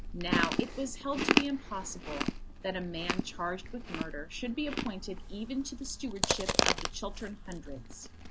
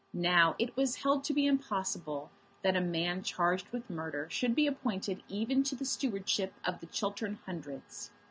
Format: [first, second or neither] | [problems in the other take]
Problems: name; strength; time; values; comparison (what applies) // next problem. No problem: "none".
second | background sound (Chewing, mastication); 3 dB above the speech